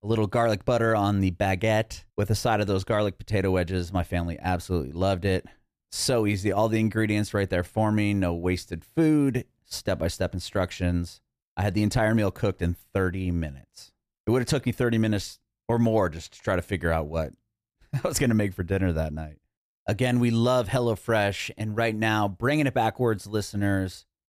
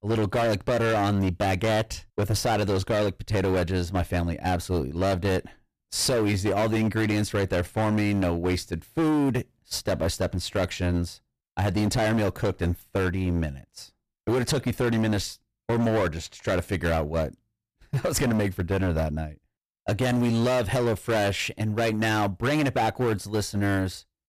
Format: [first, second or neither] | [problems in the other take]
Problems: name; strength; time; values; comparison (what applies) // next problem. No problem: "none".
first | distortion; heavy; 18% of the sound clipped